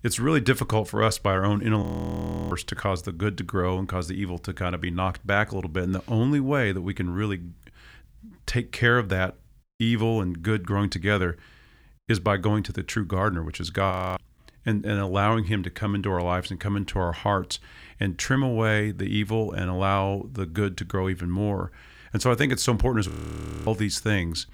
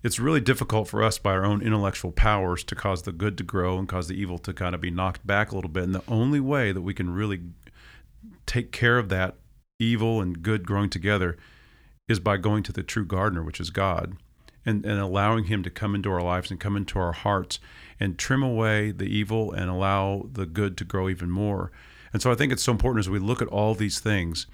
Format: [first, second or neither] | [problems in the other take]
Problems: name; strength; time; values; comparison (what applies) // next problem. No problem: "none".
second | audio freezing; at 2 s for 0.5 s, at 14 s and at 23 s for 0.5 s